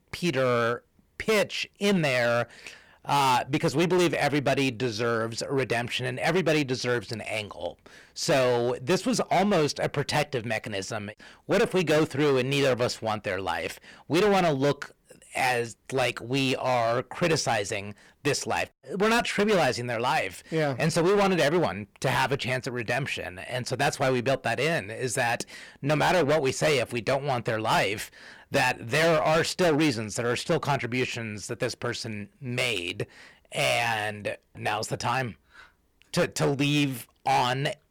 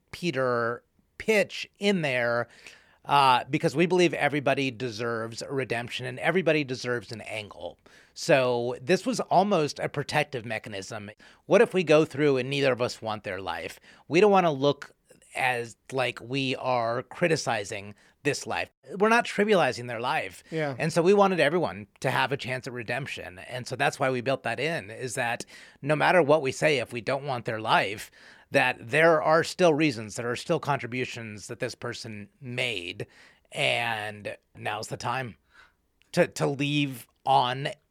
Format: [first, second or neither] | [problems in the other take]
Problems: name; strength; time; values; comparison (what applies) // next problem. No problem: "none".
second | distortion; heavy; 11% of the sound clipped